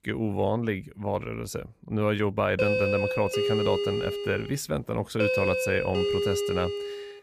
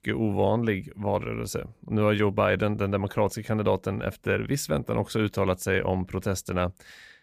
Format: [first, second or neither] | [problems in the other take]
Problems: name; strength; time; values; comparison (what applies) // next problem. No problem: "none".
second | doorbell; loud; from 2.5 s on; peak 4 dB above the speech